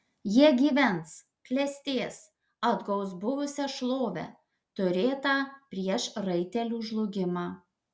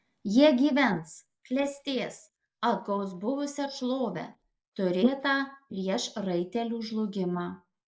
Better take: first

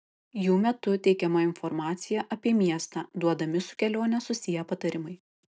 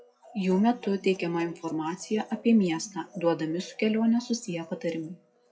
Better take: first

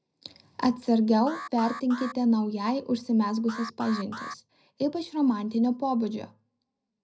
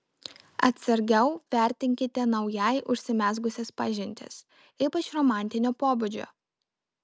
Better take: second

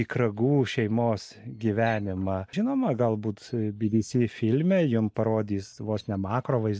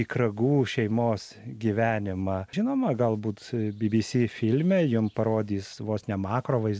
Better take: second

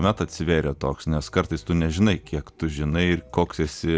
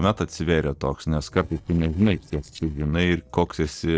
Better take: first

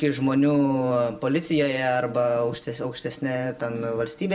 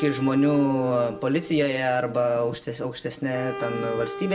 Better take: first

